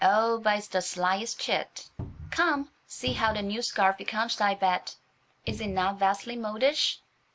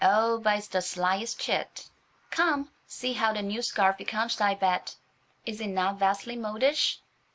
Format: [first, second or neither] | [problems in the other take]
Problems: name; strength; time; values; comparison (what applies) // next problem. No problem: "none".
second | background sound (Cupboard open or close); 11 dB below the speech